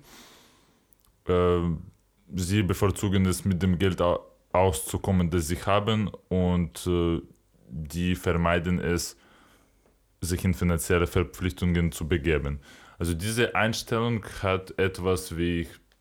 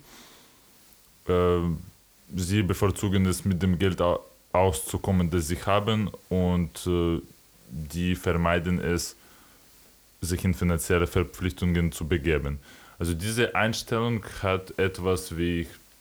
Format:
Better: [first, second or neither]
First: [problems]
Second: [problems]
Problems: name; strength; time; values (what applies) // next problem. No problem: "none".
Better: first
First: none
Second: hiss; faint; throughout; 30 dB below the speech